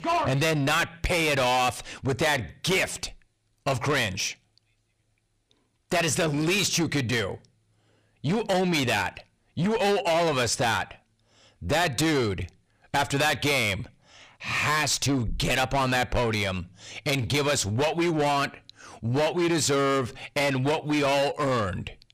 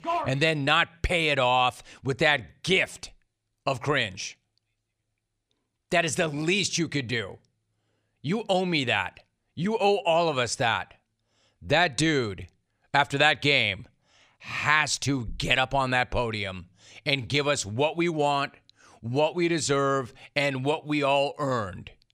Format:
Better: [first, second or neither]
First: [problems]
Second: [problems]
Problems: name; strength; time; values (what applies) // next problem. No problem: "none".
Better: second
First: distortion; heavy; 6 dB below the speech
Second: none